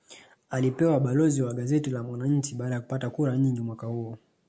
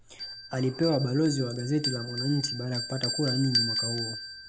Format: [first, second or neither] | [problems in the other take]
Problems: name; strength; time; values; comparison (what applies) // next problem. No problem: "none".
first | background sound (Bell); 4 dB below the speech